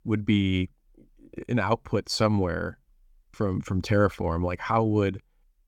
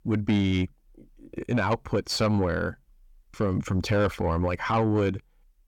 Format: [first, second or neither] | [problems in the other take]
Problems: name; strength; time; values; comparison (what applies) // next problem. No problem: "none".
first | distortion; slight; 10 dB below the speech